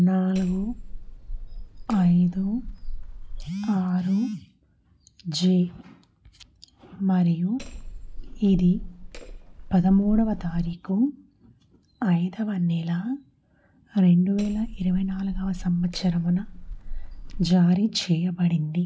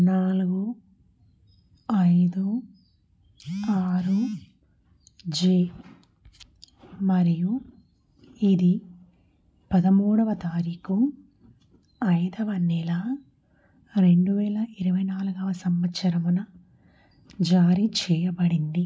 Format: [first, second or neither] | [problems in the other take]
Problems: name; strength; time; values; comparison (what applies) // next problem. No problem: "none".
second | background sound (Hammer); 9 dB below the speech